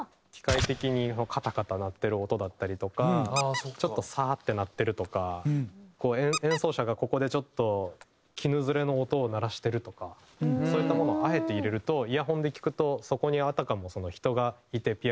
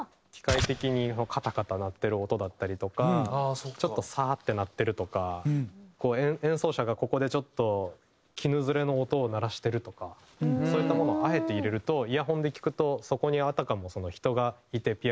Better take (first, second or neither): second